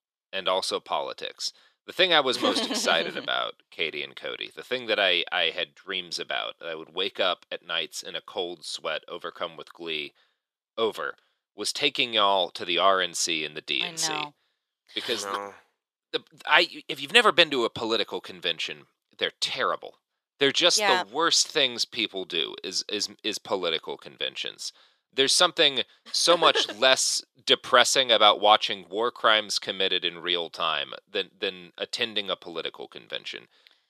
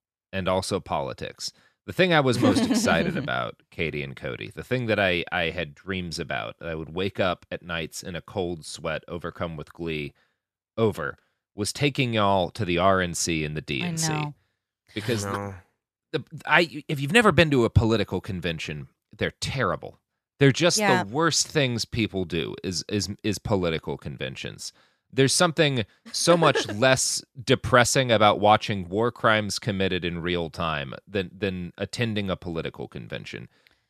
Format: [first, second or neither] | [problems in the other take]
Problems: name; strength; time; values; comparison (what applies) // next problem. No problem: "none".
second | thin; somewhat; fading below 450 Hz